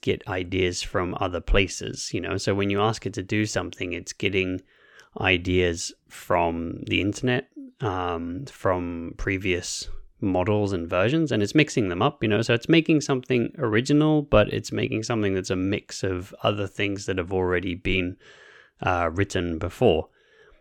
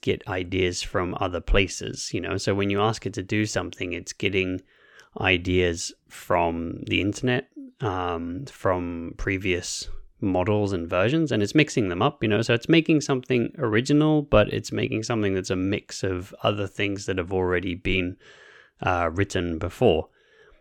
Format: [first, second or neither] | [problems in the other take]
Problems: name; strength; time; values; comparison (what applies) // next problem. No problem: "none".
neither | none